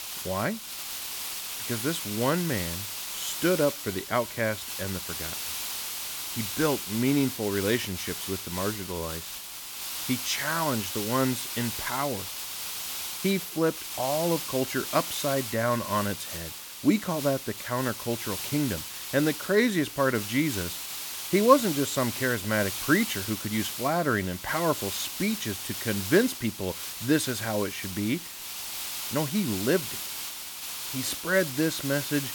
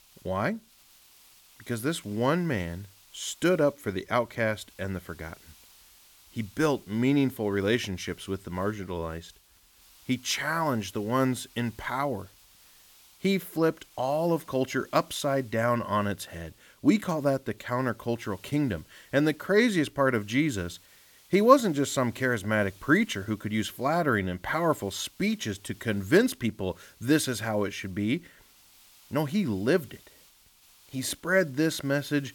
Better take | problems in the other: second | hiss; loud; throughout; 5 dB below the speech; faint in the second

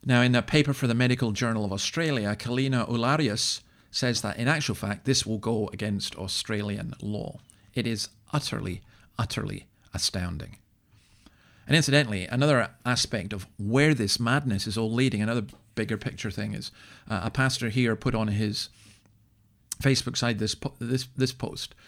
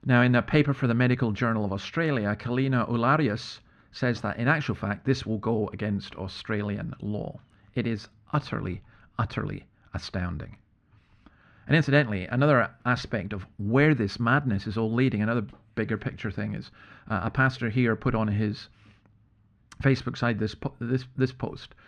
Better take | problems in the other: first | muffled; very; fading above 2 kHz

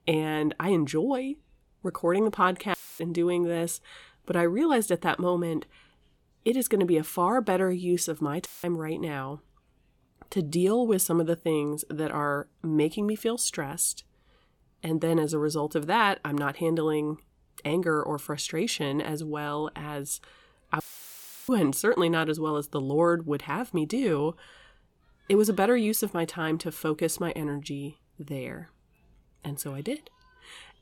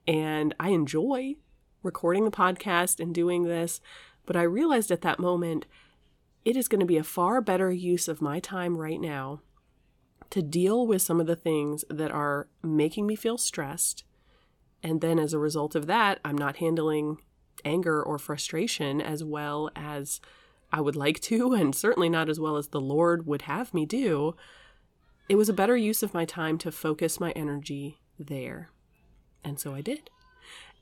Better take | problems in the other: second | audio cutting out; filled with static; at 2.5 s, at 8.5 s and at 21 s for 0.5 s

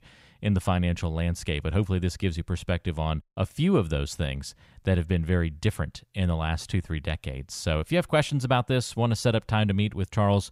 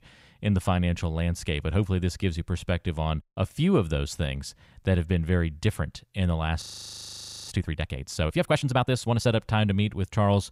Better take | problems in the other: first | audio freezing; at 6.5 s for 1 s

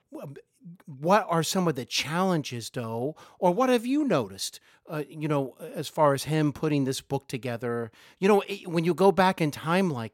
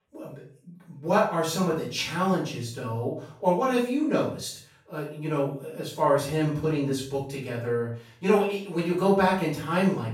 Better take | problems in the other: first | off-mic speech; far // room echo; noticeable; dies away in 0.4 s

